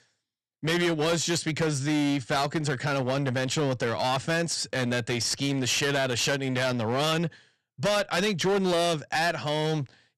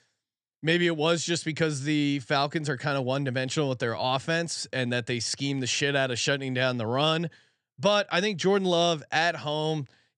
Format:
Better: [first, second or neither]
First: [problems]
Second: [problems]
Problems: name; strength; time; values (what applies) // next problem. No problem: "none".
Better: second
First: distortion; heavy; 17% of the sound clipped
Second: none